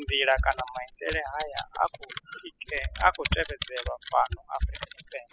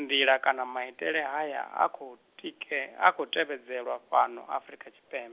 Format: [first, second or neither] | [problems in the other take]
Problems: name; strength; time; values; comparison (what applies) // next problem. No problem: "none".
second | noise reduction (classical method spectral subtraction)